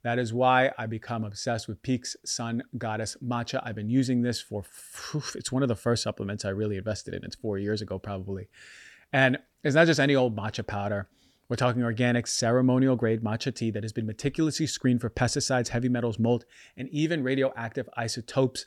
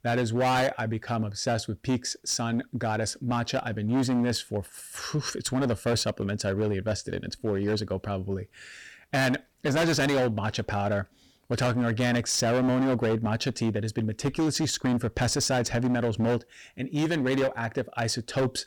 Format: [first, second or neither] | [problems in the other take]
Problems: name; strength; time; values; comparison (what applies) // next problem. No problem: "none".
first | distortion; heavy; 14% of the sound clipped